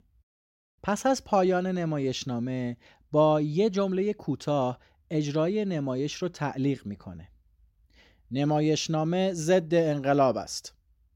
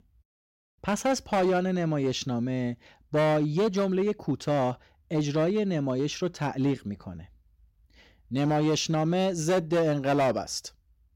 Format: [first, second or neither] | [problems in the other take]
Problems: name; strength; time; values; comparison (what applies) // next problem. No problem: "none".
first | distortion; slight; 8% of the sound clipped